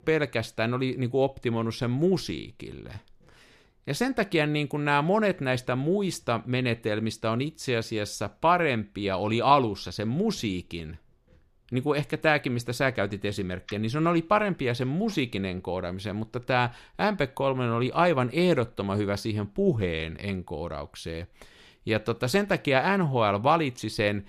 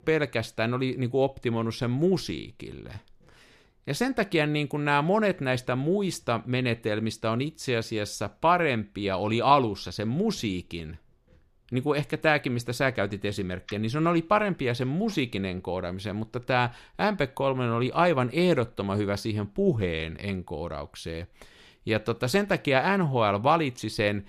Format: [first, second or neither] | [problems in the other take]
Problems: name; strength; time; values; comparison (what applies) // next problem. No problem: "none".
neither | none